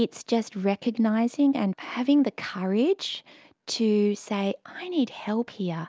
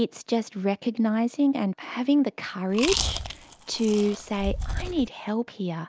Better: first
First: none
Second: background sound (Chewing, mastication); 5 dB below the speech

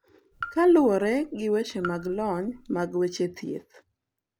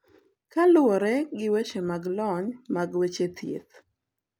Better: second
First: background sound (Raindrop / Drip); 16 dB below the speech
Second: none

